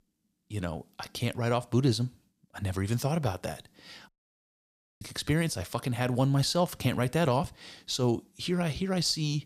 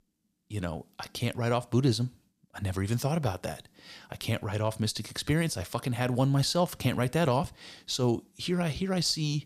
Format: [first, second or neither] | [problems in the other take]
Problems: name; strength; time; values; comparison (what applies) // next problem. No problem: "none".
second | audio cutting out; at 4 s for 1 s